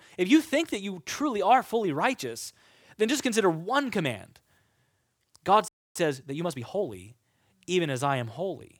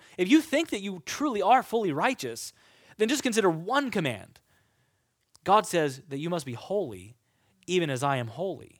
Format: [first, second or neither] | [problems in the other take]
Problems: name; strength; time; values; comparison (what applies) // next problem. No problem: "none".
second | audio freezing; at 5.5 s